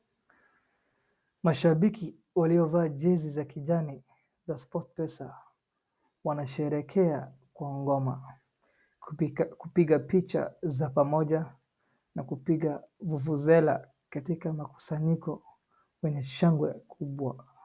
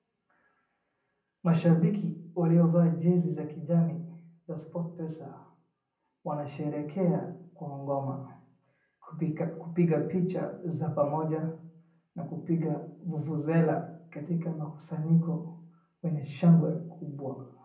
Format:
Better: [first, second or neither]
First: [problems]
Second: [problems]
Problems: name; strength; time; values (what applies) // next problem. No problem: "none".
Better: first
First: none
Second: room echo; dies away in 0.6 s